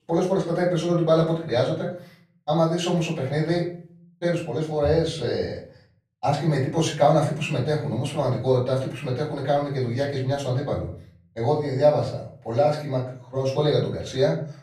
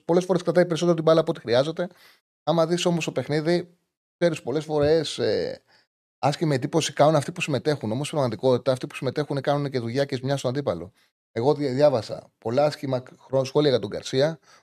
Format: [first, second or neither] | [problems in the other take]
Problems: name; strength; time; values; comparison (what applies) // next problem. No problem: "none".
second | room echo; slight; dies away in 0.5 s // off-mic speech; far